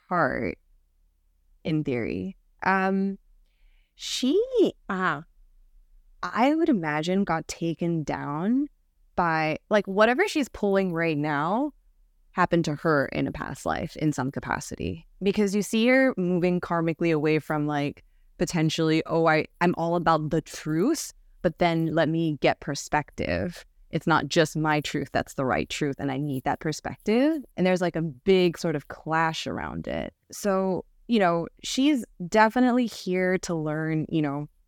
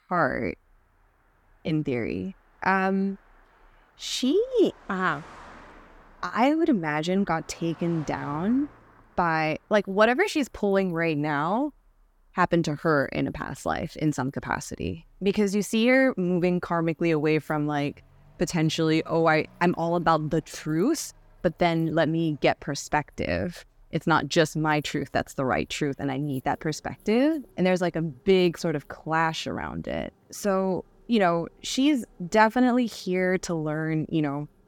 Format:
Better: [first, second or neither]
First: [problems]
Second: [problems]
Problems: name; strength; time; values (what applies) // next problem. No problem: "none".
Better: first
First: none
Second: traffic noise; faint; throughout; 30 dB below the speech